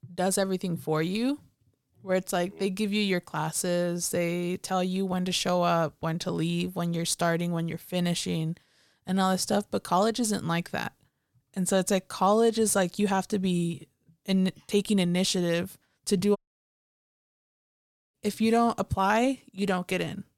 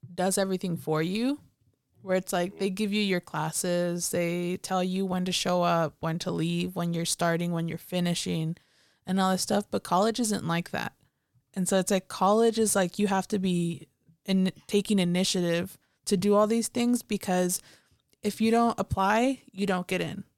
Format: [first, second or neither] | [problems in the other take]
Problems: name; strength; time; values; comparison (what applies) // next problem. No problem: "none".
second | audio cutting out; at 16 s for 2 s